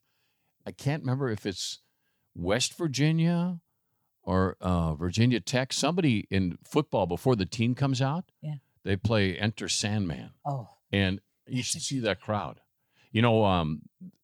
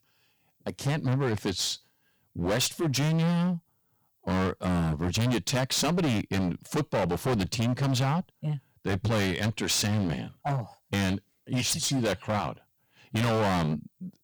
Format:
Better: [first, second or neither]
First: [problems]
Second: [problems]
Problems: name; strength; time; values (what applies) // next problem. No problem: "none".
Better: first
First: none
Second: distortion; heavy; 23% of the sound clipped